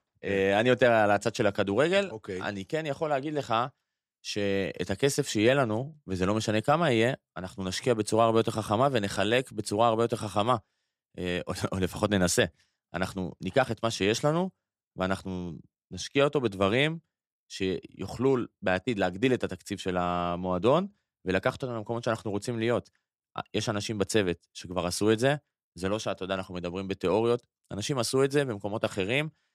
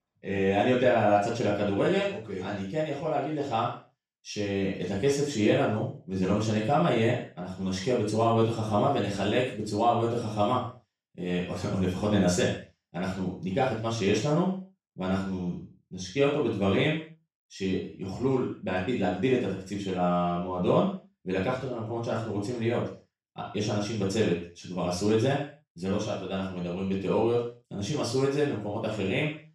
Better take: first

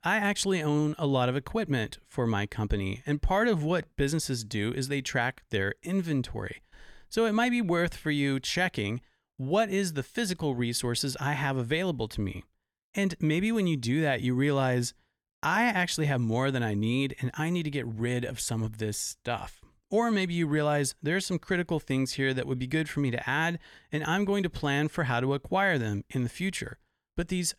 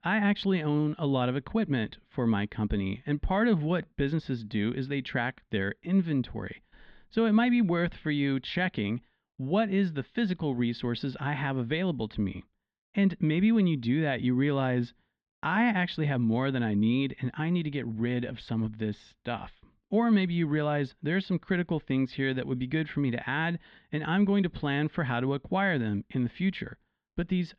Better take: first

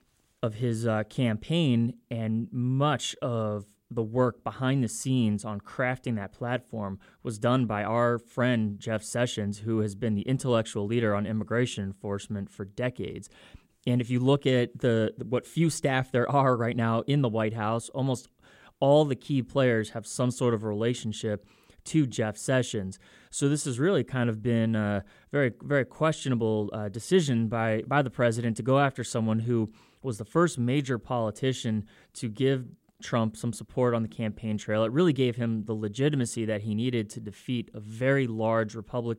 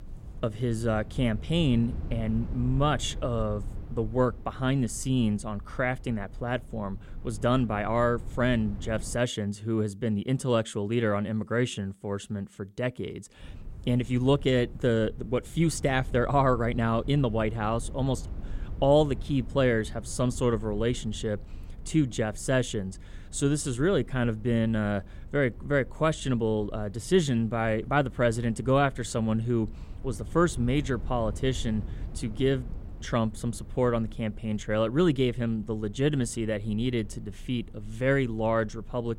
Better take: first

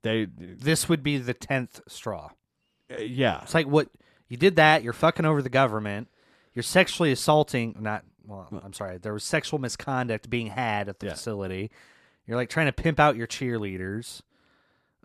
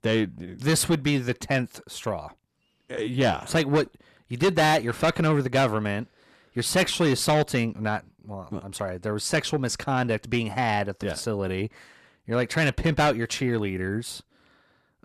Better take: first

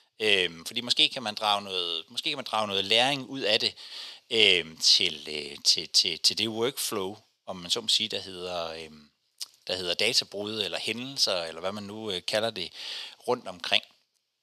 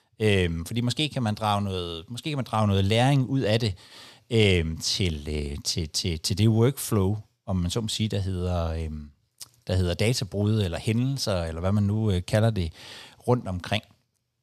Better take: second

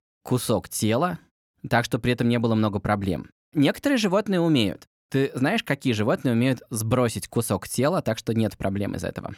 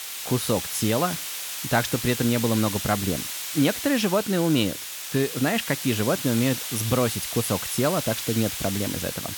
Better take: first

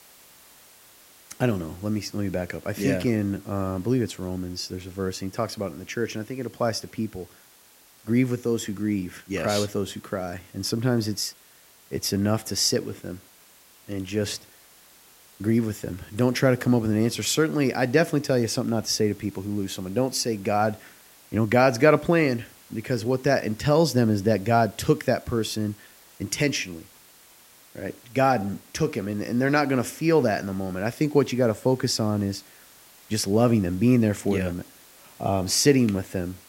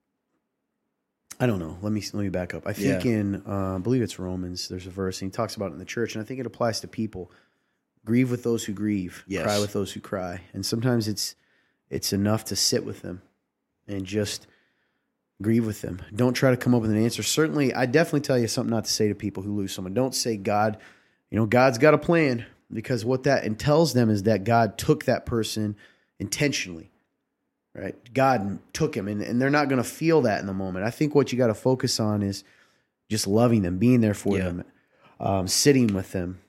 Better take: second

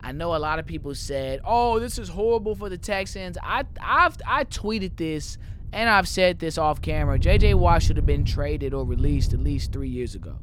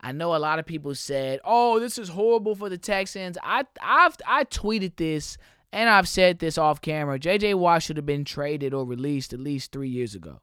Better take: second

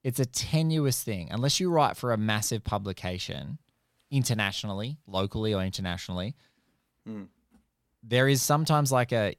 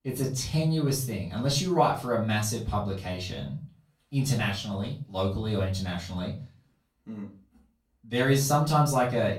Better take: first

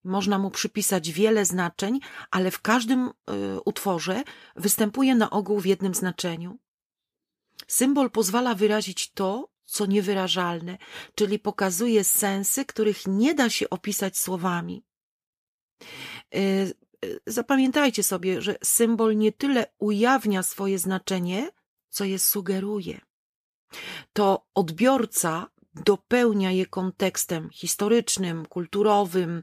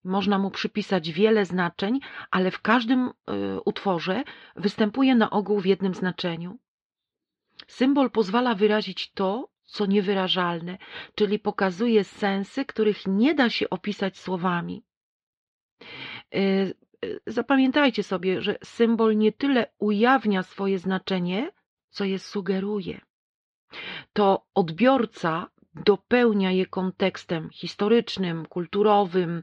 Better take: first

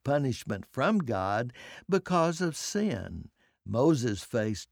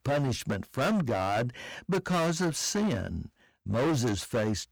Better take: first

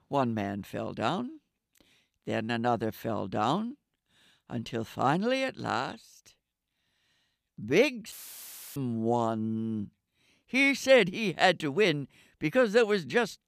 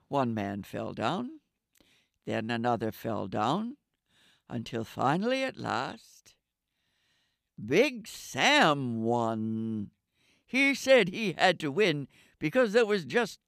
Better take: second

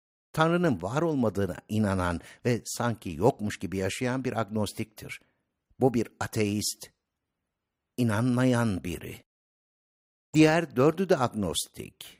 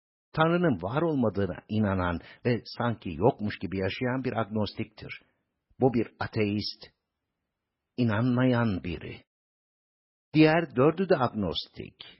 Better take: first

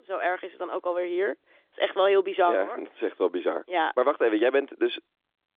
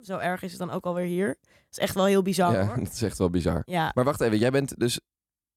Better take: second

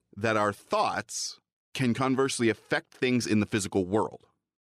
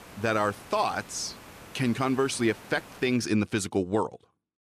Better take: first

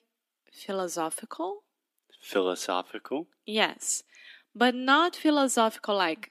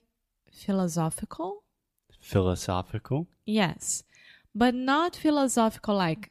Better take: second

